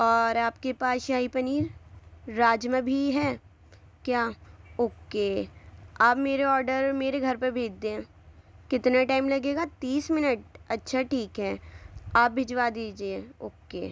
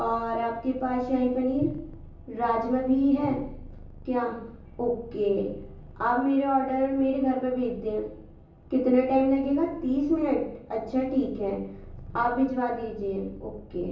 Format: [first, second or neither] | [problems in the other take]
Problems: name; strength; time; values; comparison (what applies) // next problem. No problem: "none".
first | background sound (Purr); 19 dB below the speech // room echo; dies away in 0.7 s